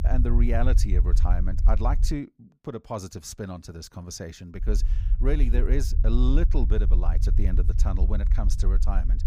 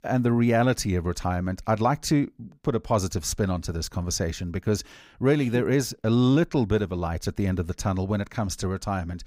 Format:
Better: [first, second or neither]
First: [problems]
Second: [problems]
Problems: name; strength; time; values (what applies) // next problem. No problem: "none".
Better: second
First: low rumble; noticeable; until 2 s and from 4.5 s on; 10 dB below the speech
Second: none